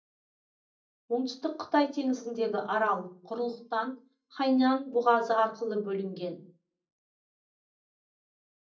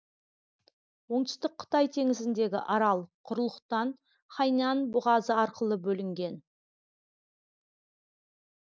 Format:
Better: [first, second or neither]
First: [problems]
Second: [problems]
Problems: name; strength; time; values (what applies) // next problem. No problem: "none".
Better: second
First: noise reduction (neural mask model DeepFilterNet 3)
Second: none